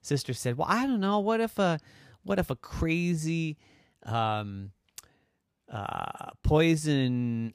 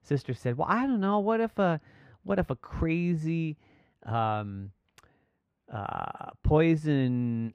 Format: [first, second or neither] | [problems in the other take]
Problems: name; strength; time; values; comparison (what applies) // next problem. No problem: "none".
first | muffled; very; fading above 3.5 kHz